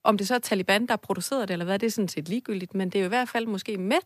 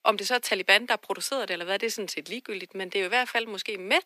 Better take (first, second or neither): first